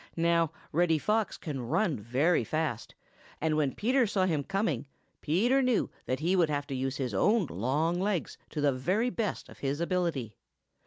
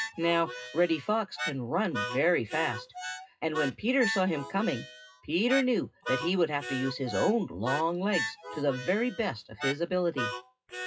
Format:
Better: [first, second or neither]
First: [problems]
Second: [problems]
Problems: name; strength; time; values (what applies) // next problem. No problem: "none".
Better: first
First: none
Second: noise reduction (classical method WPE with log-MMSE)